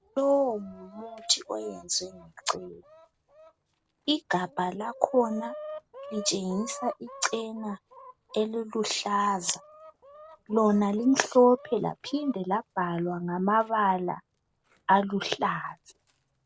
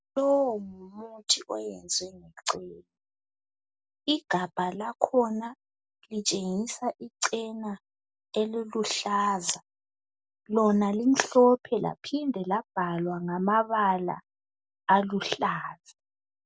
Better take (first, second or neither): second